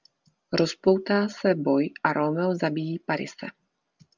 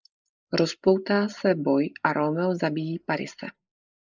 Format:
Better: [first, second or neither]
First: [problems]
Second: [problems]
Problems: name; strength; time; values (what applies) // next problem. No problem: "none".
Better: first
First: none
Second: noise reduction (neural mask model Resemble Enhance denoiser)